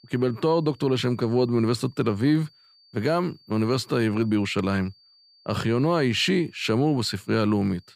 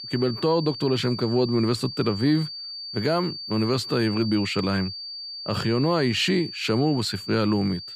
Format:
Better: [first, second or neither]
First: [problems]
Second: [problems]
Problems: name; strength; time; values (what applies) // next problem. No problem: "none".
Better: first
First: high-pitched whine; faint; throughout; 4.5 kHz, 30 dB below the speech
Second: high-pitched whine; loud; throughout; 4.5 kHz, 9 dB below the speech